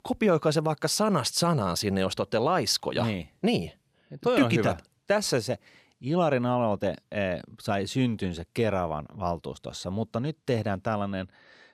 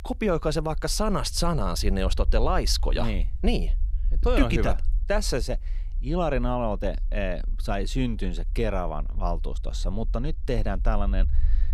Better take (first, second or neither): first